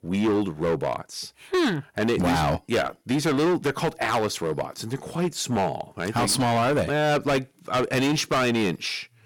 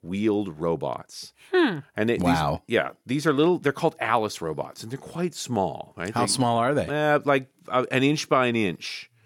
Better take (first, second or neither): second